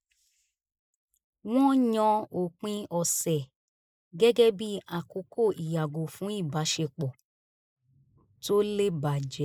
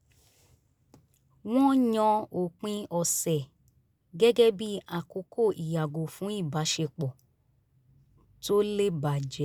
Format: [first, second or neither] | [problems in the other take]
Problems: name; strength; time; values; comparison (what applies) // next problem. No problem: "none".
second | noise reduction (neural mask model Resemble Enhance denoiser)